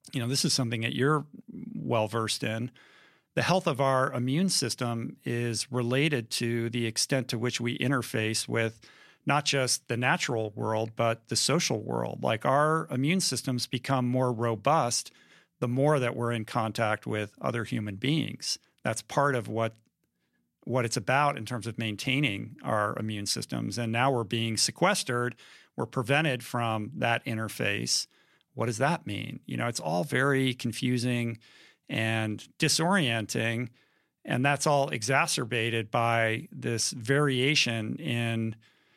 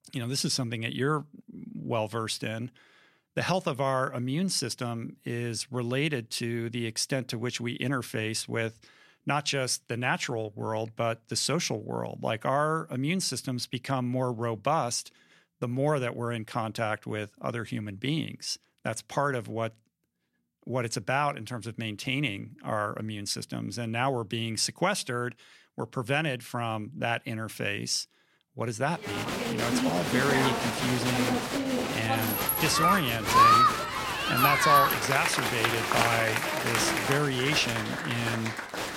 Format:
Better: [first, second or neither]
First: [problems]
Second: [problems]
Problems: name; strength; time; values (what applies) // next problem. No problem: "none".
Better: first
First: none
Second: crowd noise; very loud; from 29 s on; 4 dB above the speech